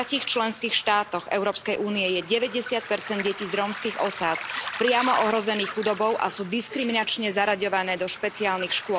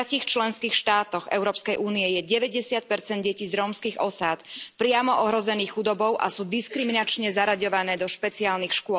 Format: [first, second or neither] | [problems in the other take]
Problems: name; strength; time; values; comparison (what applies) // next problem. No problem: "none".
second | background sound (Waves, surf); 11 dB below the speech